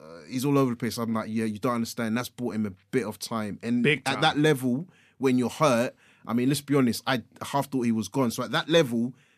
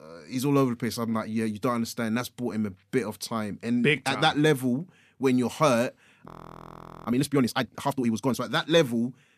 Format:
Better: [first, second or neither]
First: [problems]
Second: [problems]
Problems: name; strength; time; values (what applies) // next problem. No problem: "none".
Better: first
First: none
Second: audio freezing; at 6.5 s for 1 s